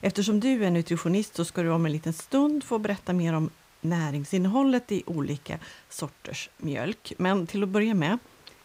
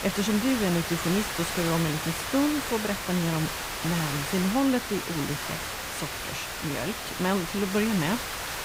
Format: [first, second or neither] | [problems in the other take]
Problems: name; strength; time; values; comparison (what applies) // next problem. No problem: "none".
first | hiss; loud; throughout; 3 dB below the speech; faint in the first